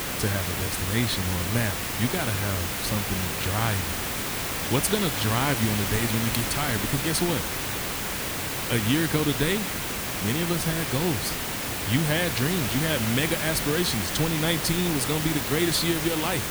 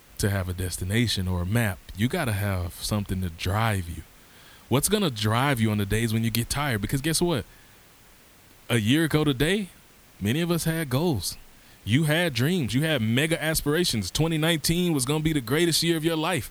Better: second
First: hiss; loud; throughout; 1 dB below the speech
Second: hiss; faint; throughout; 25 dB below the speech

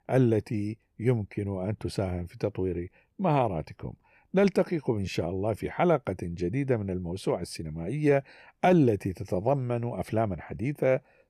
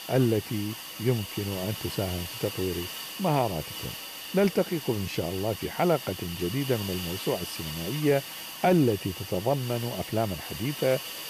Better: first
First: none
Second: hiss; loud; throughout; 8 dB below the speech

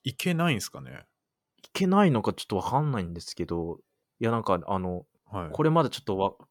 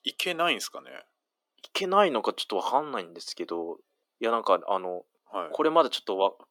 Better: first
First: none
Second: thin; very; fading below 250 Hz

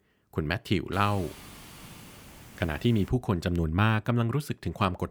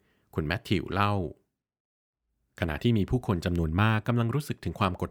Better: second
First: hiss; noticeable; from 1 to 3 s; 20 dB below the speech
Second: none

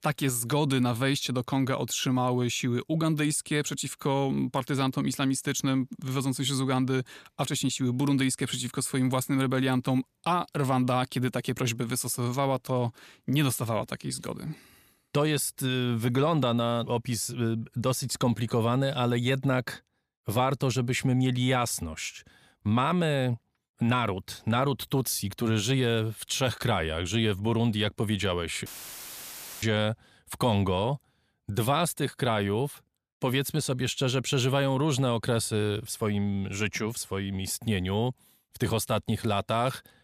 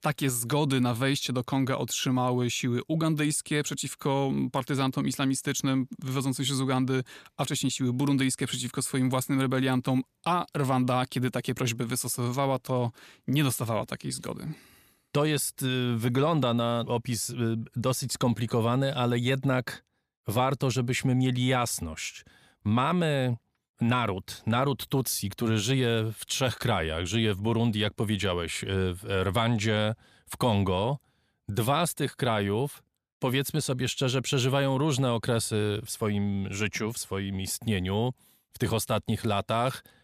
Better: second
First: audio cutting out; filled with static; at 29 s for 1 s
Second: none

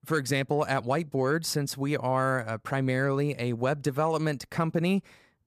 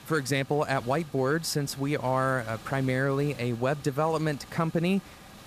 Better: first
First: none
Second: hiss; noticeable; throughout; 20 dB below the speech

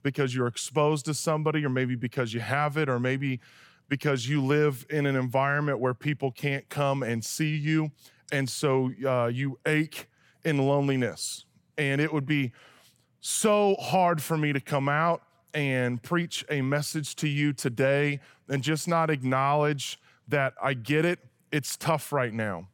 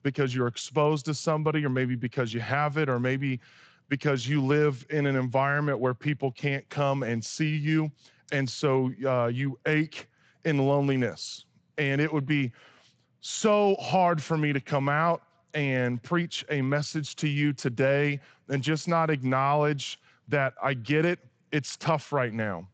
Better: first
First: none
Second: garbled, watery; slightly; nothing above 7.5 kHz

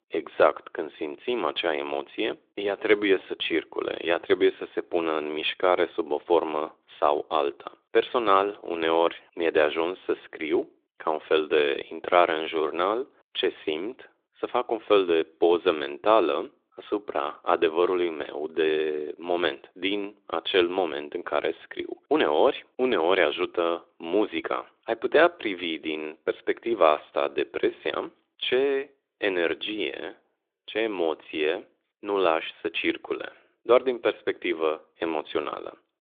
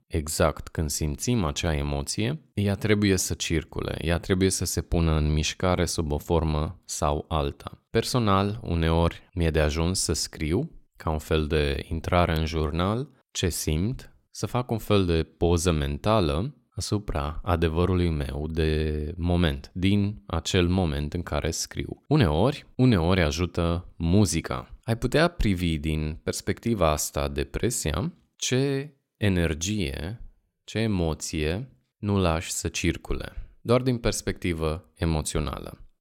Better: second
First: phone-call audio; nothing above 3.5 kHz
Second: none

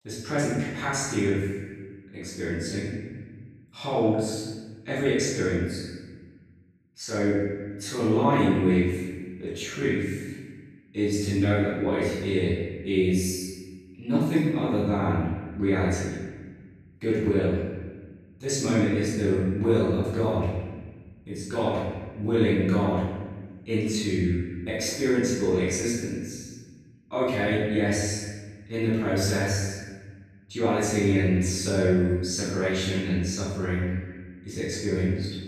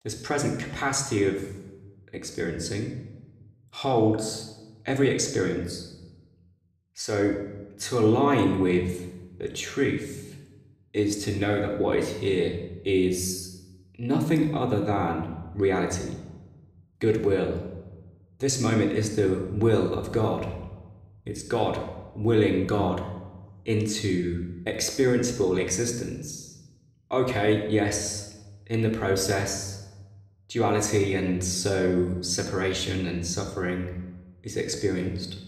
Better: second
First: room echo; strong; dies away in 1.4 s // off-mic speech; far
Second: room echo; slight; dies away in 0.8 s // off-mic speech; somewhat distant

